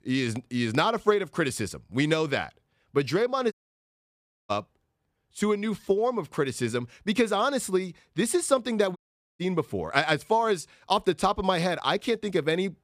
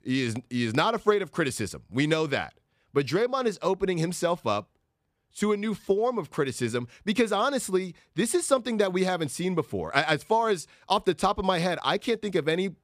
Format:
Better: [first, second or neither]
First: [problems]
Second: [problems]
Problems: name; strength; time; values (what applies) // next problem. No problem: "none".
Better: second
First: audio cutting out; at 3.5 s for 1 s and at 9 s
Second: none